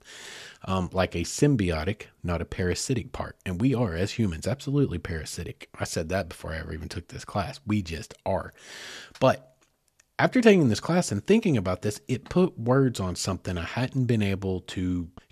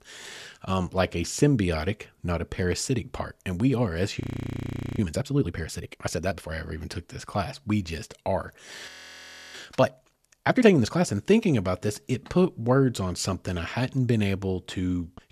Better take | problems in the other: first | audio freezing; at 4 s for 1 s and at 9 s for 0.5 s

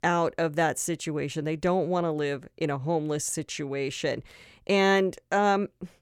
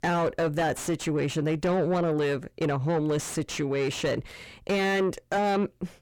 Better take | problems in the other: first | distortion; heavy; 6 dB below the speech

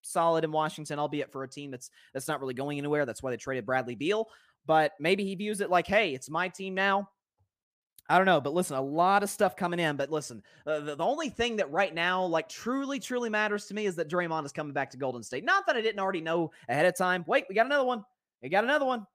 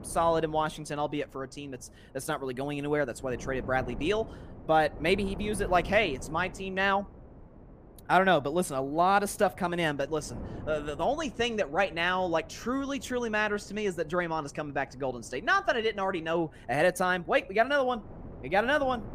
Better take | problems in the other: first | wind noise on the microphone; occasional gusts; 25 dB below the speech

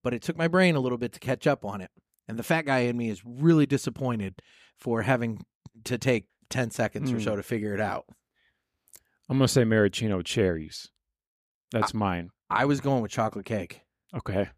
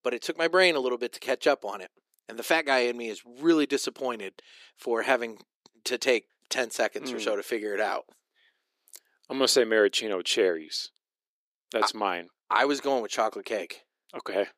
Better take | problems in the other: first | thin; somewhat; fading below 350 Hz

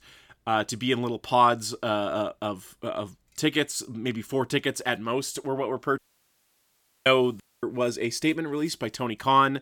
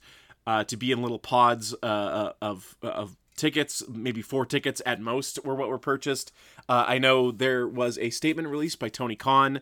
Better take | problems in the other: second | audio cutting out; at 6 s for 1 s and at 7.5 s

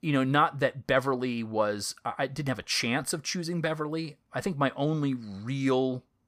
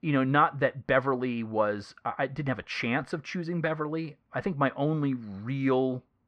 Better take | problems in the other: first | muffled; slightly; fading above 2 kHz

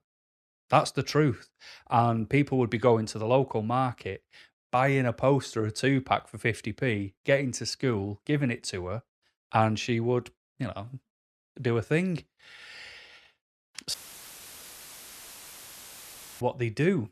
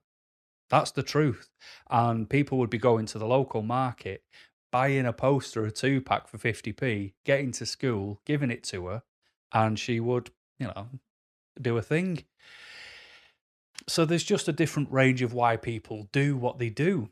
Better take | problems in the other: second | audio cutting out; filled with static; at 14 s for 2.5 s

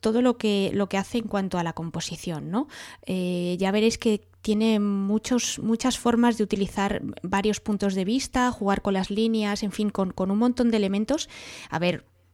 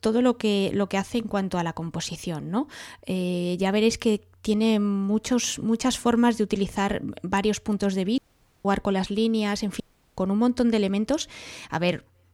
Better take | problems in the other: first | audio cutting out; at 8 s and at 10 s

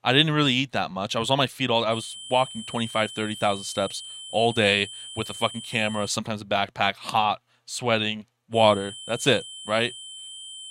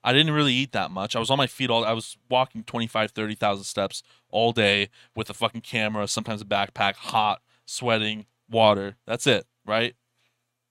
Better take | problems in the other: second | high-pitched whine; noticeable; from 2 to 6 s and from 8.5 s on; 3 kHz, 15 dB below the speech

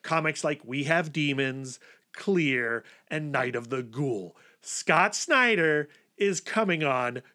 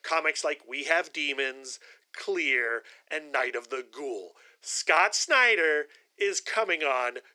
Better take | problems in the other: first | thin; very; fading below 400 Hz

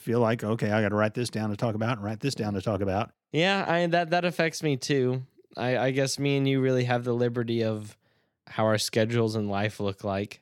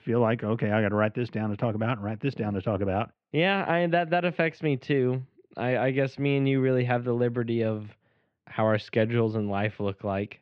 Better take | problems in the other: first | muffled; very; fading above 3 kHz

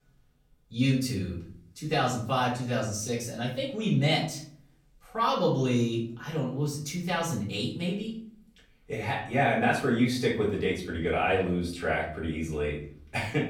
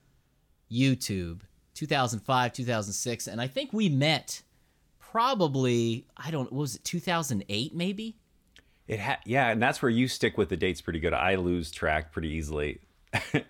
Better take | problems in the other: second | room echo; slight; dies away in 0.5 s // off-mic speech; far

